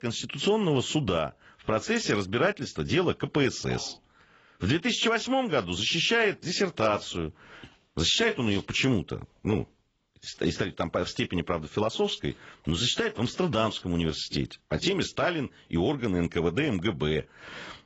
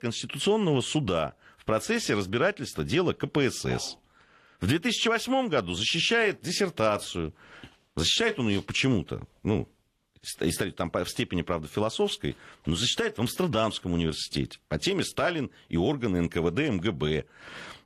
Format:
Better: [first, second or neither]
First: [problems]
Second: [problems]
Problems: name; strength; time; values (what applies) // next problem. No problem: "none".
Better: second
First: garbled, watery; badly; nothing above 7.5 kHz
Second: garbled, watery; slightly; nothing above 13.5 kHz